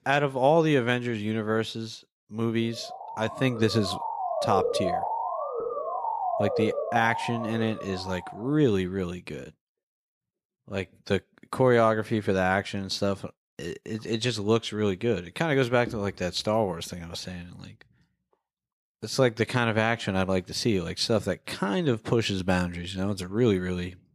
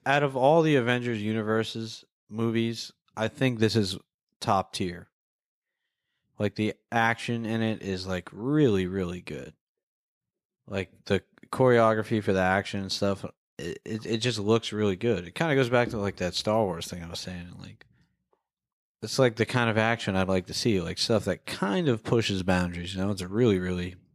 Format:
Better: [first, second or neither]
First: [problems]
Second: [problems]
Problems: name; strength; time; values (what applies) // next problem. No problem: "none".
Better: second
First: siren; noticeable; from 3 to 8.5 s; peak level with the speech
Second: none